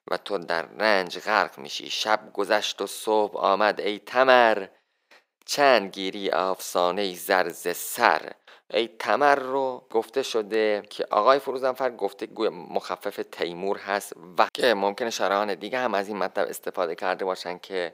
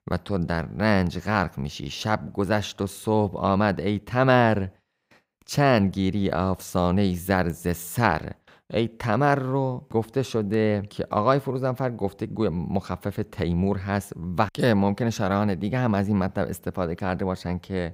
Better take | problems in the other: second | thin; very; fading below 400 Hz

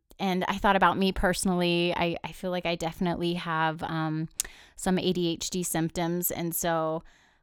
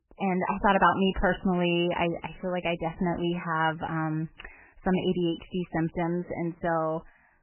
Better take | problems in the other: first | garbled, watery; badly; nothing above 3 kHz

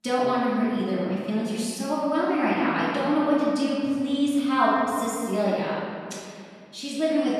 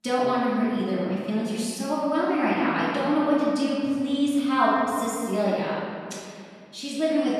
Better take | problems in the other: neither | off-mic speech; far; the same in both // room echo; strong; dies away in 2.1 s; the same in both

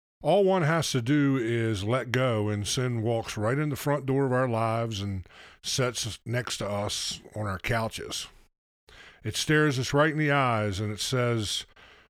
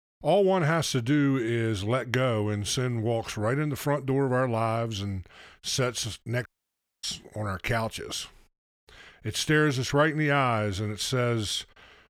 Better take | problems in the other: first | audio cutting out; at 6.5 s for 0.5 s

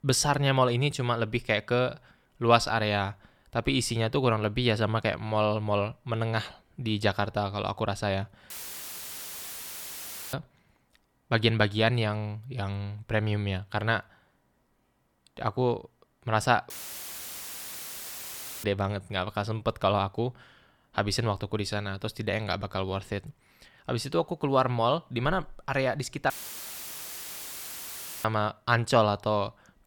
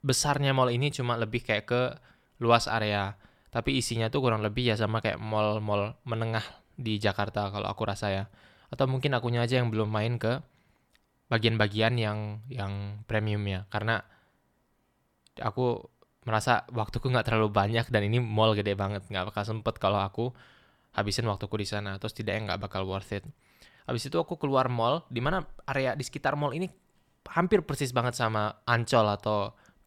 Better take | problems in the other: second | audio cutting out; filled with static; at 8.5 s for 2 s, at 17 s for 2 s and at 26 s for 2 s

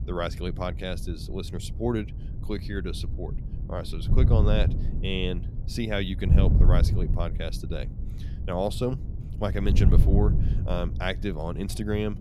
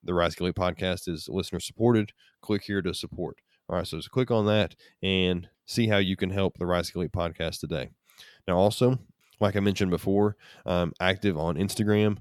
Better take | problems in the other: second | wind noise on the microphone; heavy; 9 dB below the speech

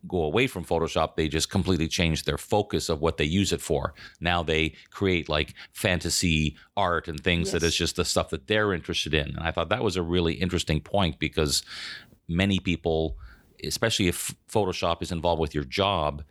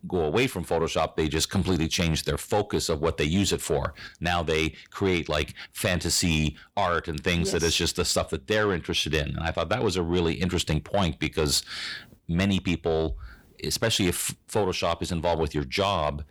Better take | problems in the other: first | distortion; slight; 10 dB below the speech

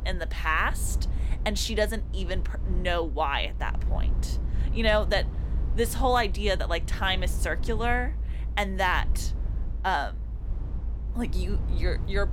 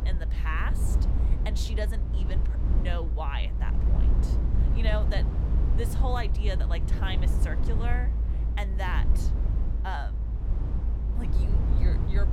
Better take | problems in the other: first | low rumble; loud; throughout; 6 dB below the speech; faint in the first

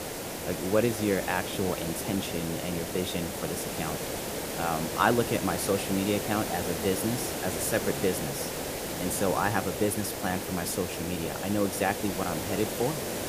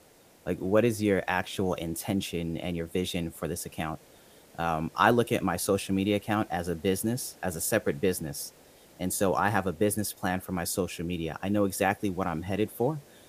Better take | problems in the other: second | hiss; loud; throughout; 3 dB below the speech; faint in the second

